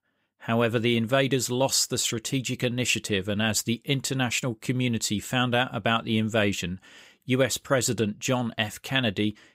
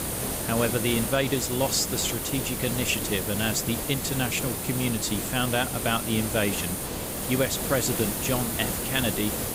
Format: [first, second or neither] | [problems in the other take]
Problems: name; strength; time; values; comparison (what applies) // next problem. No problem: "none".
first | hiss; loud; throughout; 1 dB below the speech